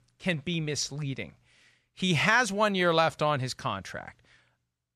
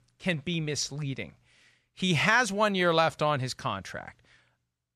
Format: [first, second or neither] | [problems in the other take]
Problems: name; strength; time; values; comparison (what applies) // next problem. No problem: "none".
neither | none